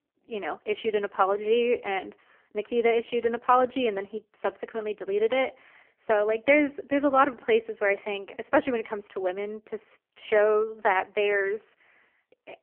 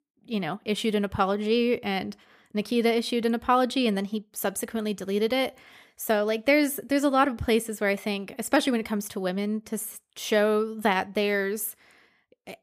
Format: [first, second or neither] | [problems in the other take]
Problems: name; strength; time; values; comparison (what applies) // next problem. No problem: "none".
second | phone-call audio; poor line; nothing above 3 kHz